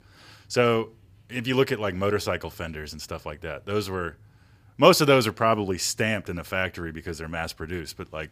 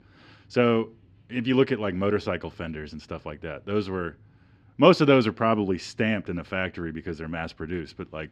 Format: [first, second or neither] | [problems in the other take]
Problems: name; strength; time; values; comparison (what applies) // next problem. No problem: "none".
first | muffled; slightly; fading above 3 kHz